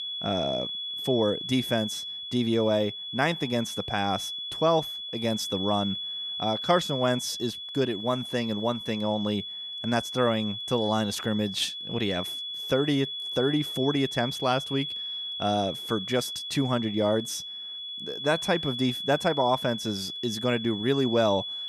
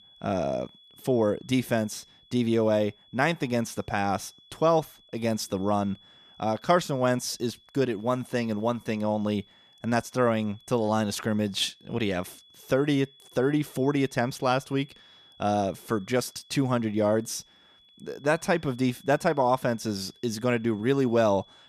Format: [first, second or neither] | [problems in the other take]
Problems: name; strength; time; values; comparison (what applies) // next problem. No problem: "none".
second | high-pitched whine; loud; throughout; 3.5 kHz, 5 dB below the speech; faint in the second